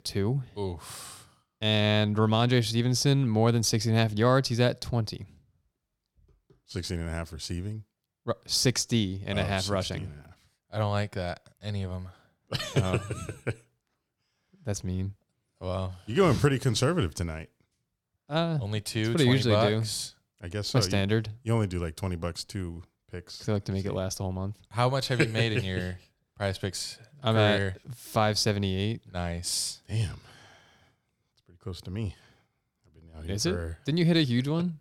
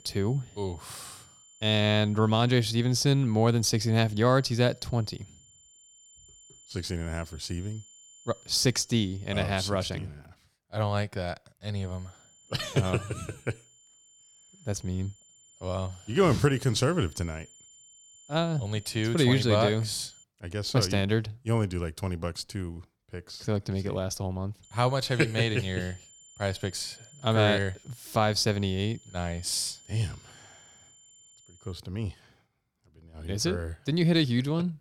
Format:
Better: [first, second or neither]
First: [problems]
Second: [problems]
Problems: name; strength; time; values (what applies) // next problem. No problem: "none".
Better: first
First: none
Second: high-pitched whine; faint; until 9.5 s, from 12 to 20 s and from 25 to 32 s; 7 kHz, 25 dB below the speech